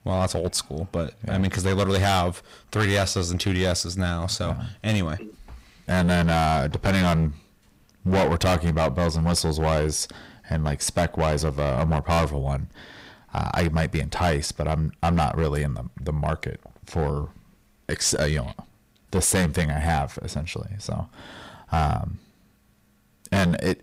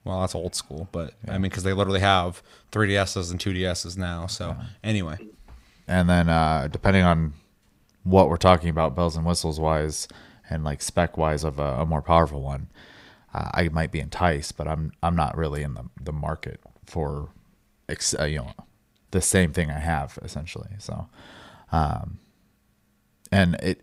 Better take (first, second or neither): second